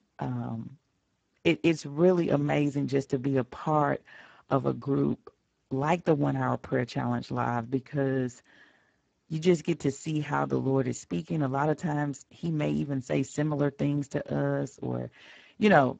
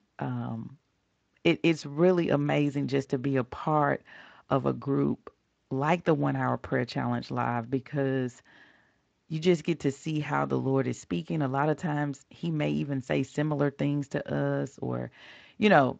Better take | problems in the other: second | garbled, watery; badly; nothing above 7.5 kHz; slightly in the second

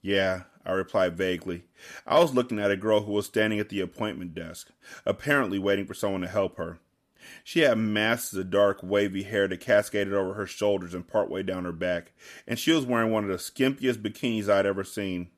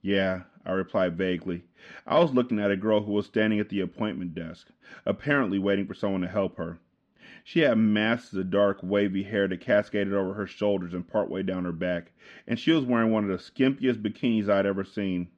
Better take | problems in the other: first | muffled; slightly; fading above 4 kHz

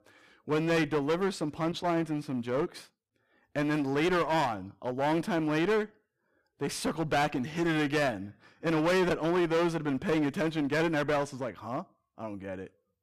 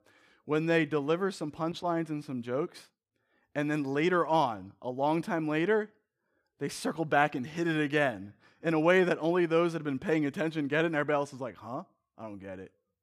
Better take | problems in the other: second | distortion; heavy; 13% of the sound clipped

